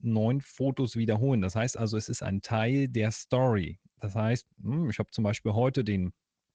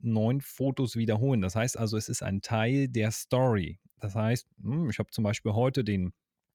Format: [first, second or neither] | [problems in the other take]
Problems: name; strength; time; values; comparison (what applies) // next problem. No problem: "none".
second | garbled, watery; slightly